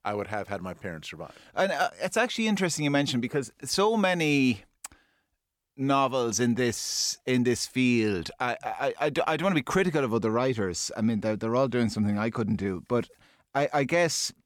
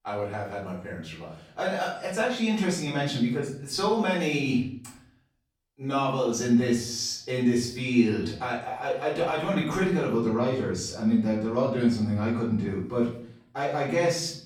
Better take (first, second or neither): first